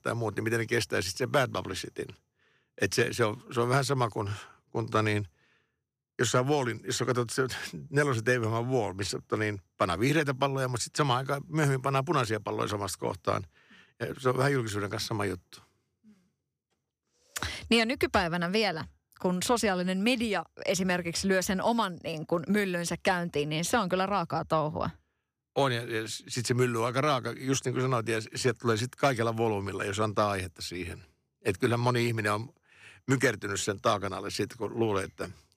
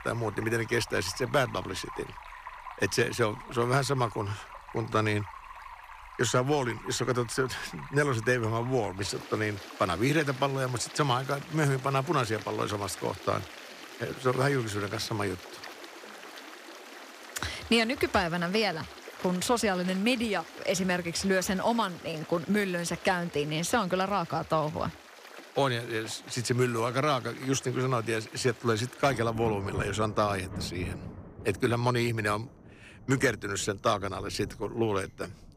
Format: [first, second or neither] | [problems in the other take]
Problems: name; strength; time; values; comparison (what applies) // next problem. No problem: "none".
first | rain or running water; noticeable; throughout; 15 dB below the speech